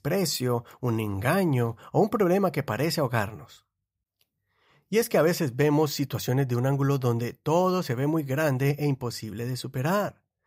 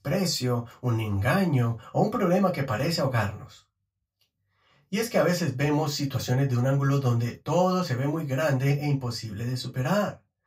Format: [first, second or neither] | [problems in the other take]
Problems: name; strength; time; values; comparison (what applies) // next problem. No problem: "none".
first | room echo; very slight; dies away in 0.2 s // off-mic speech; far